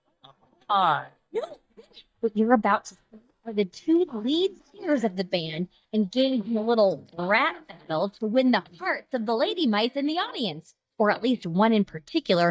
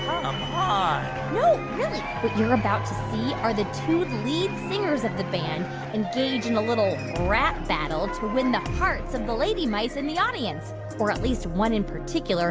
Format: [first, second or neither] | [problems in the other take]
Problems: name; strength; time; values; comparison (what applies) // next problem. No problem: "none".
second | noise reduction (neural mask model DeepFilterNet 3)